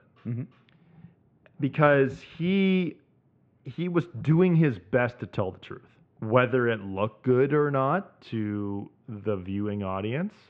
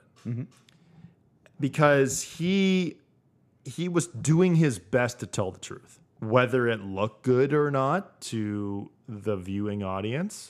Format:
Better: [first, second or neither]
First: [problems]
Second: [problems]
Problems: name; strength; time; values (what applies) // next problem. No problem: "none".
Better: second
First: muffled; very; fading above 3 kHz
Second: none